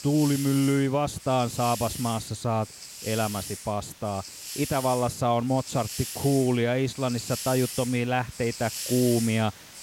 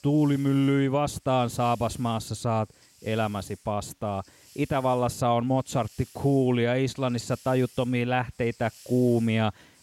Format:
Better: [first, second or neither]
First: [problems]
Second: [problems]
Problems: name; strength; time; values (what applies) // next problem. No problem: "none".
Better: second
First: hiss; loud; throughout; 9 dB below the speech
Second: hiss; faint; throughout; 25 dB below the speech